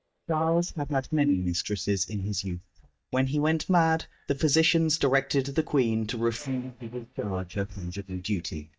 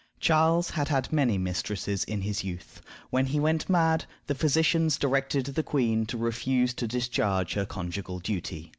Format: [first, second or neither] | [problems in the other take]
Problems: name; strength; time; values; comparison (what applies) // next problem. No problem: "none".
second | noise reduction (neural mask model DeepFilterNet 3)